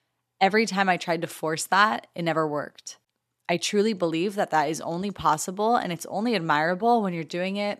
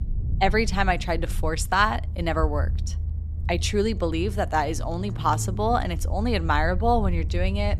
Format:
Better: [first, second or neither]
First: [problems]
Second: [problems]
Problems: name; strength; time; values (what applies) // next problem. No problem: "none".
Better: first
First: none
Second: low rumble; faint; throughout; 20 dB below the speech